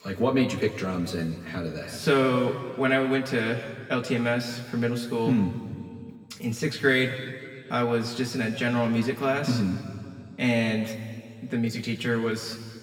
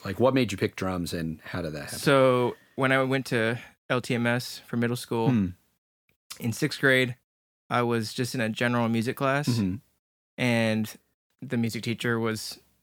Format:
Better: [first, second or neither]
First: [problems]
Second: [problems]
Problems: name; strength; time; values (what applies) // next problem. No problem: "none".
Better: second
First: room echo; slight; dies away in 2 s // off-mic speech; somewhat distant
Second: none